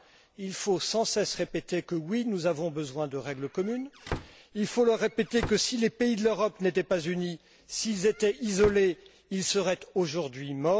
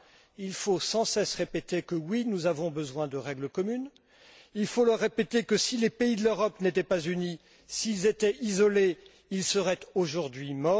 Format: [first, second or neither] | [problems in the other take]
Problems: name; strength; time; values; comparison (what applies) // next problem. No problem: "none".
second | background sound (Squeak / Slam / Wood); 12 dB below the speech